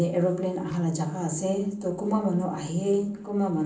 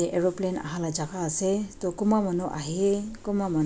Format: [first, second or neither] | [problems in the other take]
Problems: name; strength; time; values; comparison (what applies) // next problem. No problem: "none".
second | noise reduction (neural separator model SepFormer DNS4)